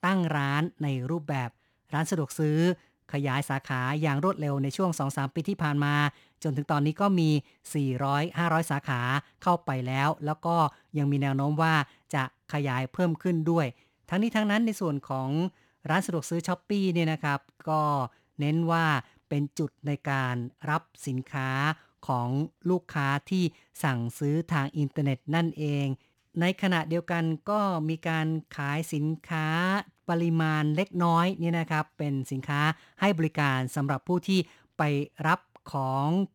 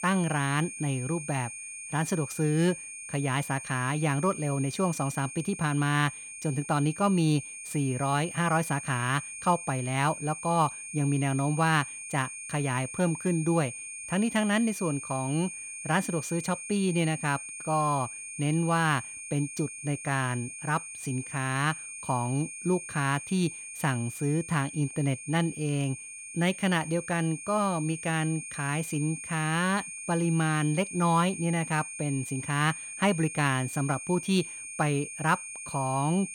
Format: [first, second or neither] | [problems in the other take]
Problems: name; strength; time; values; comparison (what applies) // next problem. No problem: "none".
first | high-pitched whine; loud; throughout; 9 kHz, 9 dB below the speech